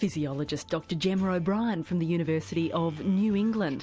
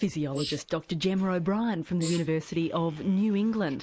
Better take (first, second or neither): first